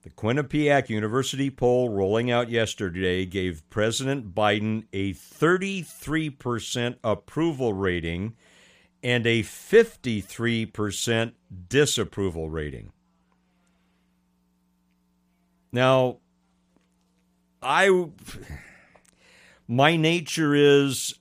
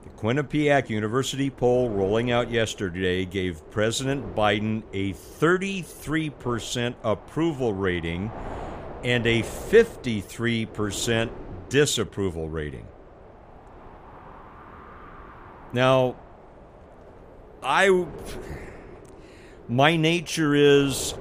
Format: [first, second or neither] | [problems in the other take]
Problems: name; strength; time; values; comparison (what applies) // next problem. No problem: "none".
first | wind noise on the microphone; occasional gusts; 20 dB below the speech